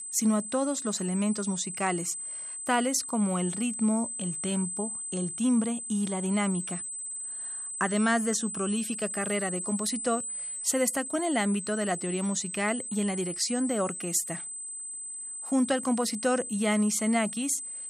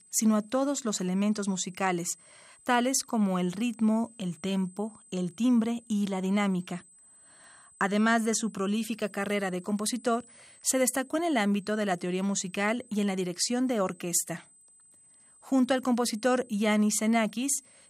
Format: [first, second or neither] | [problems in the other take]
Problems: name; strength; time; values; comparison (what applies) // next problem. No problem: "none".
second | high-pitched whine; loud; throughout; 8 kHz, 5 dB below the speech; faint in the second